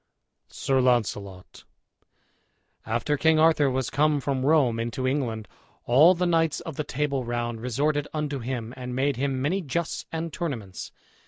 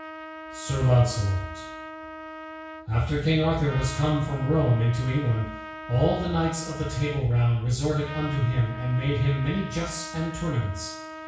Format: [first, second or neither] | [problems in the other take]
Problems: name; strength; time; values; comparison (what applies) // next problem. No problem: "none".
first | background sound (Trumpet); 14 dB below the speech // room echo; dies away in 0.6 s